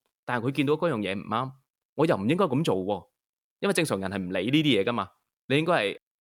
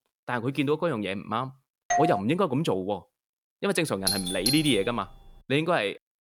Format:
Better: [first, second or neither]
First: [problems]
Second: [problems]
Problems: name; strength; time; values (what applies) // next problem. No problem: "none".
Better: first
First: none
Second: doorbell; loud; at 2 s and at 4 s; peak 1 dB above the speech